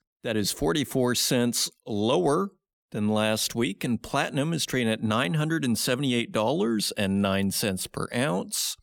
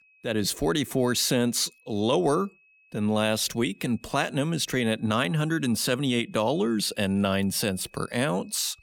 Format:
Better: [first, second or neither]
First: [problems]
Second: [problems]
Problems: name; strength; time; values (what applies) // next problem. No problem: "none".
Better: first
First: none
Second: high-pitched whine; faint; throughout; 2.5 kHz, 30 dB below the speech